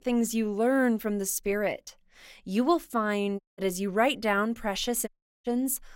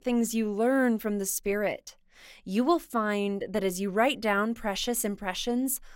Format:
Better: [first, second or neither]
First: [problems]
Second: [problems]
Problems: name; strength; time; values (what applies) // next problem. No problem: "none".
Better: second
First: audio cutting out; at 3.5 s and at 5 s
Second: none